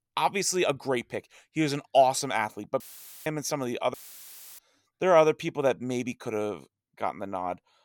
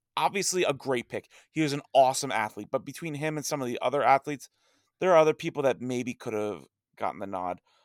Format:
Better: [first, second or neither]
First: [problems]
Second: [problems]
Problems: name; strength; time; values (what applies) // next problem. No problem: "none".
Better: second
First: audio cutting out; filled with static; at 3 s and at 4 s for 0.5 s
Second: none